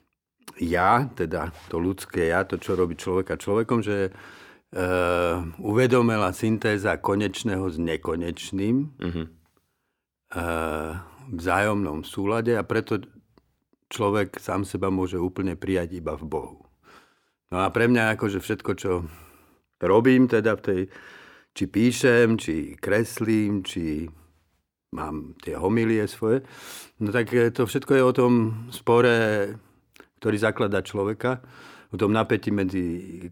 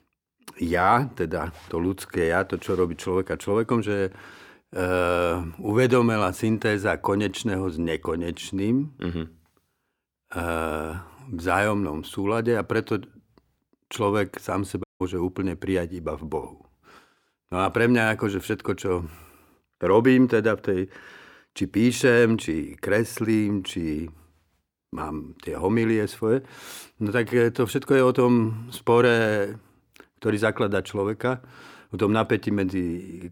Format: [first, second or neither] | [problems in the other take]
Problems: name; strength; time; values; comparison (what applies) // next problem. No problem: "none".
first | audio cutting out; at 15 s